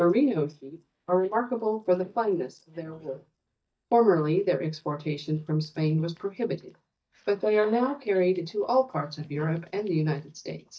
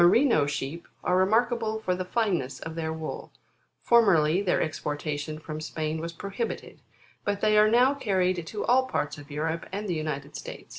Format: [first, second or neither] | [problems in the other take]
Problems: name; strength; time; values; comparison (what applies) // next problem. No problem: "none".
second | noise reduction (neural mask model DeepFilterNet 3)